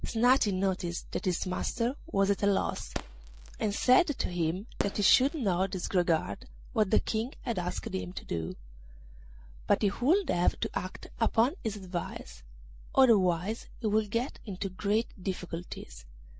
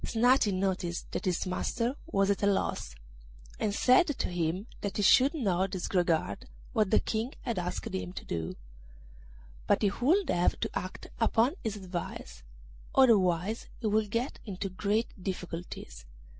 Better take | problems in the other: second | background sound (Fireworks); 13 dB below the speech

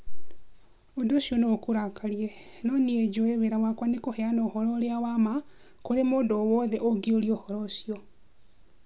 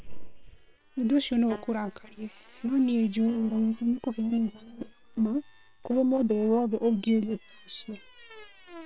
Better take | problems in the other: first | noise reduction (neural separator model SepFormer WHAM!)

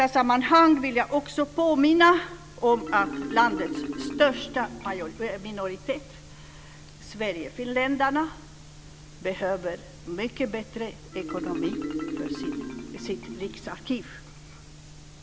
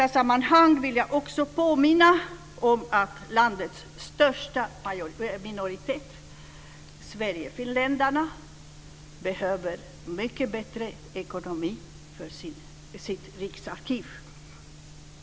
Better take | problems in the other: second | background sound (Marimba, xylophone); 12 dB below the speech

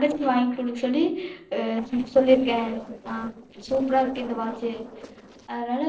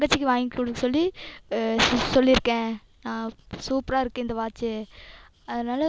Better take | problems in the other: second | noise reduction (neural separator model SepFormer DNS4)

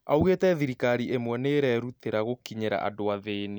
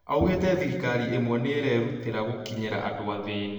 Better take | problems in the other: first | room echo; dies away in 1.2 s

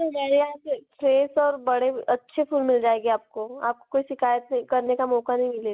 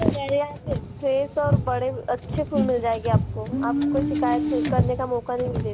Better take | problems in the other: first | background sound (Car); 1 dB above the speech

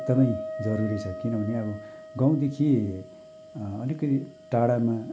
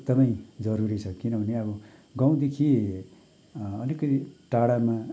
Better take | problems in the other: second | background sound (Wind instrument, woodwind instrument); 13 dB below the speech

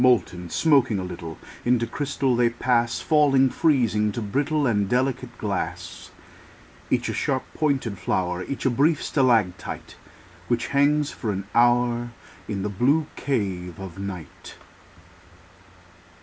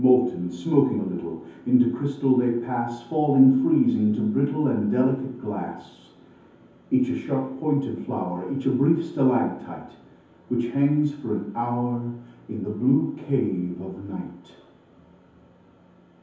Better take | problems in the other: first | room echo; dies away in 0.7 s

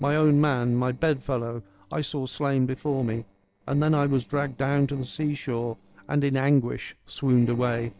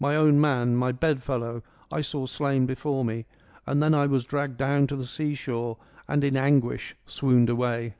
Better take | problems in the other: second | noise reduction (neural separator model SepFormer DNS4)

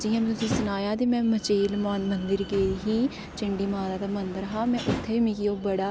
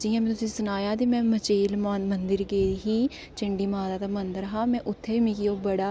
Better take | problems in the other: second | background sound (Slam); 10 dB below the speech

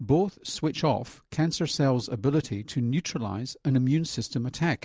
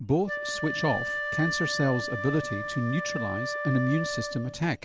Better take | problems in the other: first | background sound (Wind instrument, woodwind instrument); 4 dB below the speech

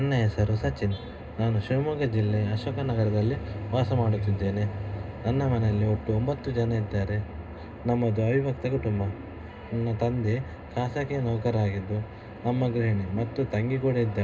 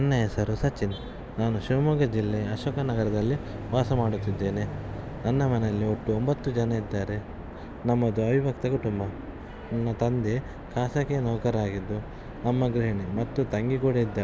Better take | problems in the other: second | room echo; dies away in 0.2 s

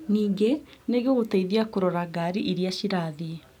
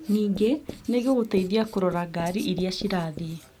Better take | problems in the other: first | background sound (Writing); 18 dB below the speech

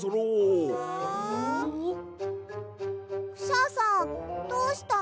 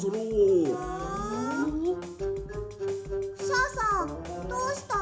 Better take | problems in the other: first | background sound (Drum kit); 15 dB below the speech // room echo; dies away in 0.4 s

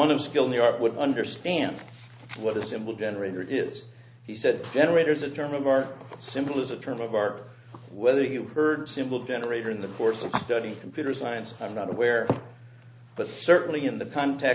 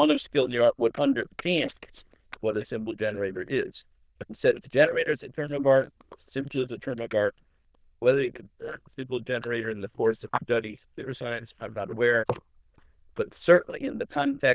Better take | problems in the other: first | noise reduction (neural diffusion model UNIVERSE++)

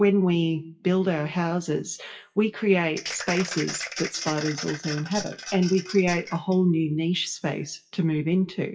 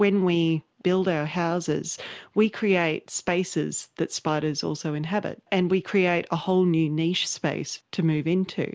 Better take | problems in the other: second | noise reduction (classical method WPE with log-MMSE)

